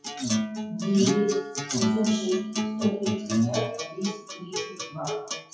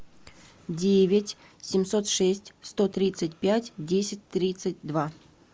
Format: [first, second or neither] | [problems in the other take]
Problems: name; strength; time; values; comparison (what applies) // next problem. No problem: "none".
second | noise reduction (classical method WPE with log-MMSE)